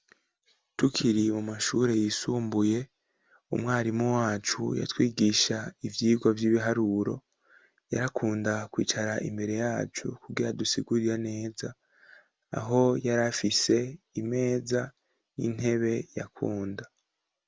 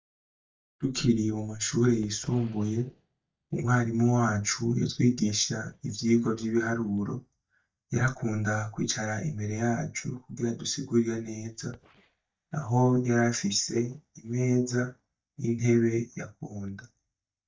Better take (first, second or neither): first